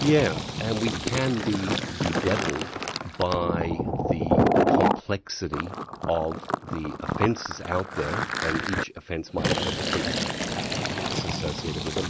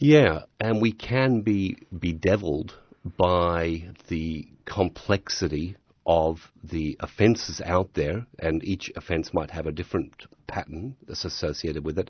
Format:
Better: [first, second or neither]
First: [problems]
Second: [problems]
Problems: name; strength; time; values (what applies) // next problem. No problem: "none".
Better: second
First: background sound (Fill (with liquid)); 2 dB above the speech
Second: none